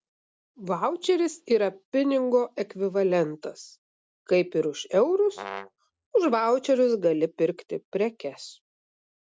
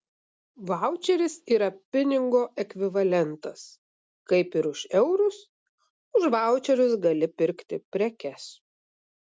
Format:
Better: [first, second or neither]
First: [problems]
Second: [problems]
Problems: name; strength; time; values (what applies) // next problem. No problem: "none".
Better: second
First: background sound (Brass instrument); 14 dB below the speech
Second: none